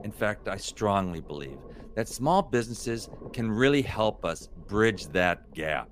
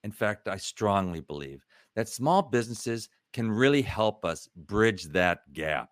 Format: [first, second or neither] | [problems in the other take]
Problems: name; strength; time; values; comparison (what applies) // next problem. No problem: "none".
second | low rumble; faint; throughout; 25 dB below the speech